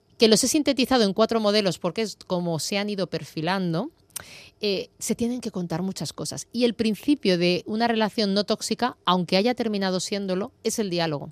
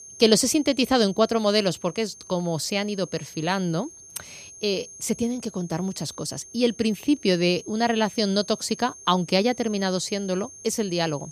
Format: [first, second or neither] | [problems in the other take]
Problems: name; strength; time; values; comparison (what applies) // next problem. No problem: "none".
first | high-pitched whine; noticeable; throughout; 6.5 kHz, 20 dB below the speech